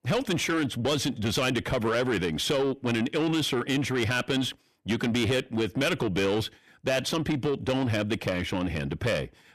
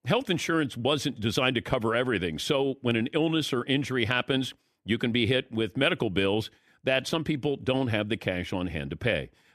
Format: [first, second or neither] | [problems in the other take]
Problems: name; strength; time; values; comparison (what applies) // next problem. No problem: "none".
second | distortion; heavy; 8 dB below the speech